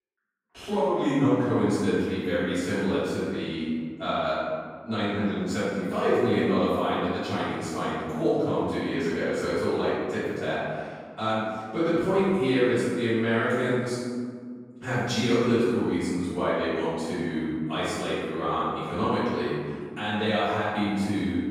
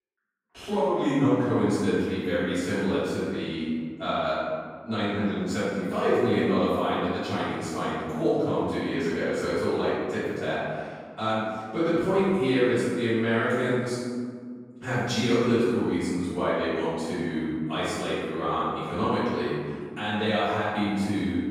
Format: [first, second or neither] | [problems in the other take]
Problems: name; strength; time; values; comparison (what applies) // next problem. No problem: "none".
neither | room echo; strong; dies away in 1.8 s; the same in both // off-mic speech; far; the same in both